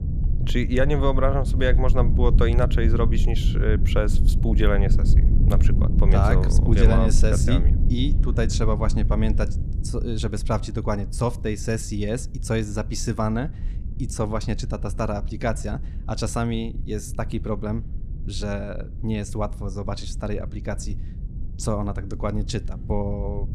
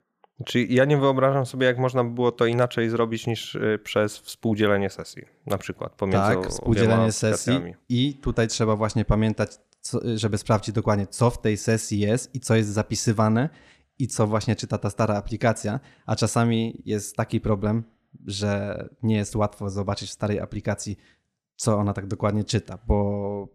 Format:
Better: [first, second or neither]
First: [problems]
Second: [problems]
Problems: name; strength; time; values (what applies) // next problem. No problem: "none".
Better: second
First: low rumble; noticeable; throughout; 10 dB below the speech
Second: none